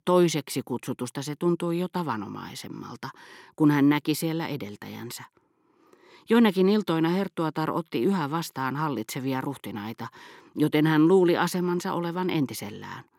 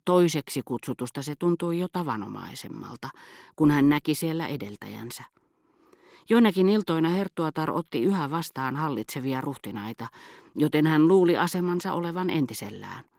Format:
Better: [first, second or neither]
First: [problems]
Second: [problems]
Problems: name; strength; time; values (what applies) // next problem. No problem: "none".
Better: first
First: none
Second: garbled, watery; slightly; nothing above 15.5 kHz